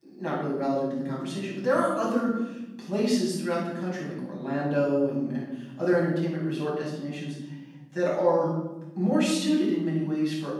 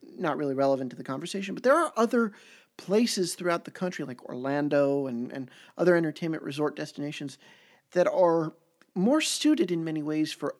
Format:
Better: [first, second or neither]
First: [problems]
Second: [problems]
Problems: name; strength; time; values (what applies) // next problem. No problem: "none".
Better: second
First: off-mic speech; far // room echo; strong; dies away in 2.1 s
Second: none